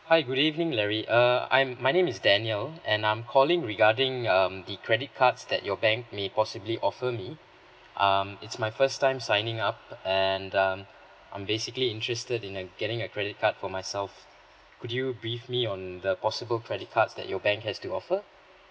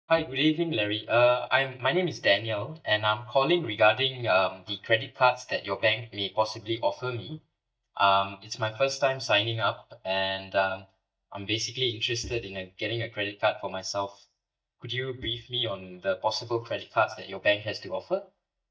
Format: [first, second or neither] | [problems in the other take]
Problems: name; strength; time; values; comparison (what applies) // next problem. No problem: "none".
first | noise reduction (neural mask model DeepFilterNet 3)